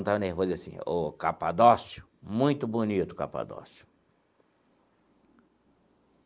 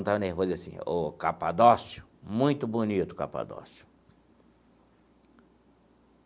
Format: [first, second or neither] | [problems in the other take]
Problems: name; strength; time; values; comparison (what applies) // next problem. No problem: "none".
second | noise reduction (neural mask model Resemble Enhance denoiser)